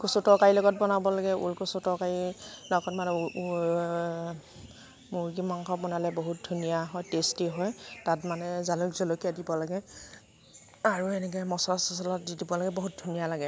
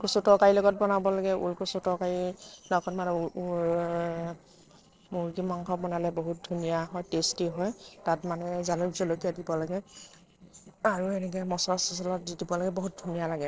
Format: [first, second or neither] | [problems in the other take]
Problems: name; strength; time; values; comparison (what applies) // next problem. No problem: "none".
first | noise reduction (neural separator model SepFormer DNS4)